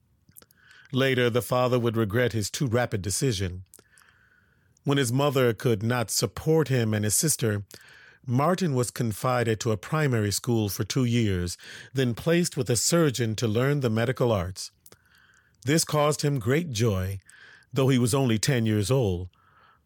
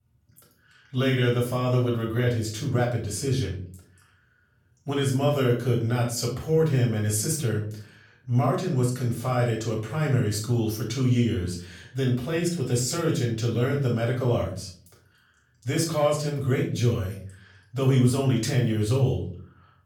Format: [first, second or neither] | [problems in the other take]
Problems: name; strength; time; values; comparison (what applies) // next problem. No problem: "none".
first | off-mic speech; far // room echo; slight; dies away in 0.4 s